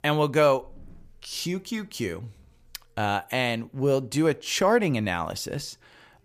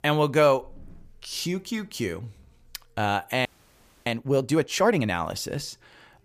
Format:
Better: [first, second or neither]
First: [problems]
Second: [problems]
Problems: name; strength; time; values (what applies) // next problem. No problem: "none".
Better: first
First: none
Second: audio freezing; at 3.5 s for 0.5 s